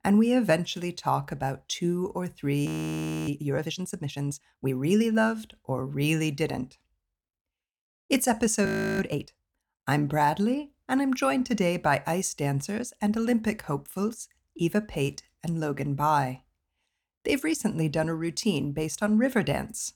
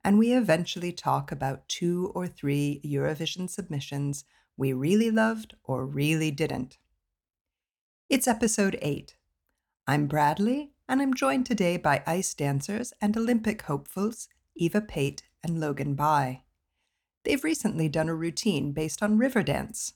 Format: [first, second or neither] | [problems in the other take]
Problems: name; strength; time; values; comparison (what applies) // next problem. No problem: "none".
second | audio freezing; at 2.5 s for 0.5 s and at 8.5 s